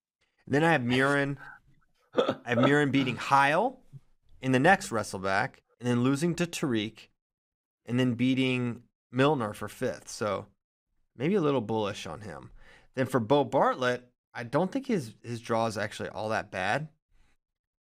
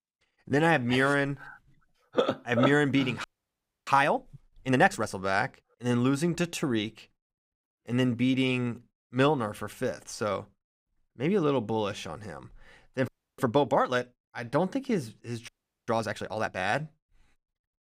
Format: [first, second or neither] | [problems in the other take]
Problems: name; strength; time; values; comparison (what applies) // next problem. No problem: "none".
first | audio freezing; at 3 s for 0.5 s, at 13 s and at 15 s